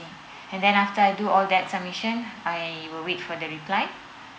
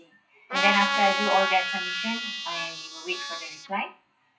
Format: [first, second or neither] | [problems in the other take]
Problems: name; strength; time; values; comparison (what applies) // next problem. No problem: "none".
first | noise reduction (classical method WPE with log-MMSE)